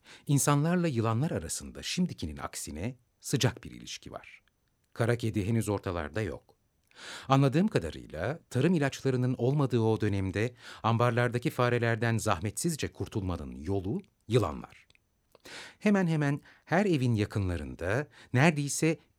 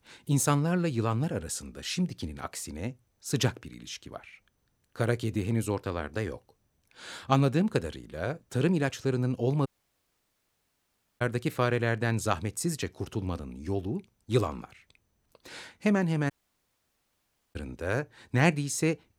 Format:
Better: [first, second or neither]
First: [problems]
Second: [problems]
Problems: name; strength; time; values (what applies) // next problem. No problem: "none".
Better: first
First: none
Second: audio cutting out; at 9.5 s for 1.5 s and at 16 s for 1.5 s